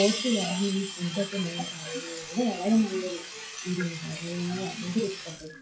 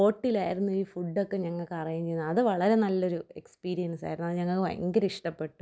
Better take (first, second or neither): second